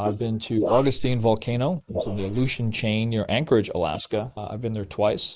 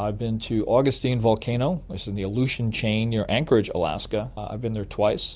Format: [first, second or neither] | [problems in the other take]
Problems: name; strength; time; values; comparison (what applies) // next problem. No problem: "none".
second | noise reduction (neural mask model Resemble Enhance denoiser)